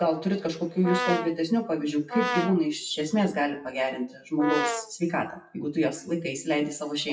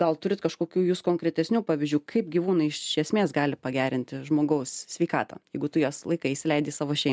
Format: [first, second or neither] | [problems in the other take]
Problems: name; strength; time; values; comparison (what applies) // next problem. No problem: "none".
second | noise reduction (classical method WPE with log-MMSE)